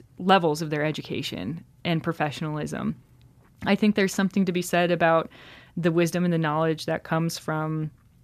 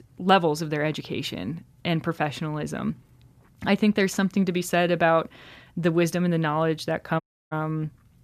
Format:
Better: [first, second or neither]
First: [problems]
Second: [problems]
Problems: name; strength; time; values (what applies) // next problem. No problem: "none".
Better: first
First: none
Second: audio cutting out; at 7 s